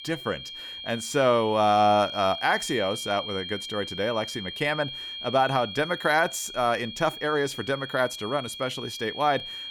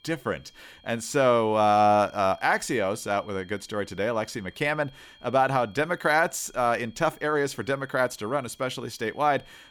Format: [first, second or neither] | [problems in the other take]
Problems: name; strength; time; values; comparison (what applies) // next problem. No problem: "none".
second | high-pitched whine; loud; throughout; 3 kHz, 9 dB below the speech; faint in the second